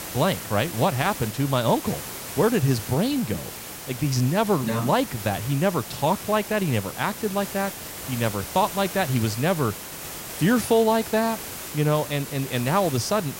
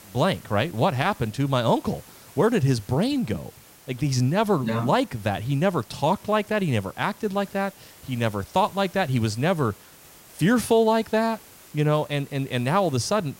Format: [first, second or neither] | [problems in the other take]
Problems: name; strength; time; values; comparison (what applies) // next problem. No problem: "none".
second | hiss; loud; throughout; 10 dB below the speech; faint in the second